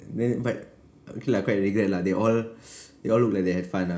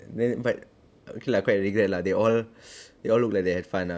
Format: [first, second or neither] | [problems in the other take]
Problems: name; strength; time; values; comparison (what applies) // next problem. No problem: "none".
second | room echo; dies away in 0.4 s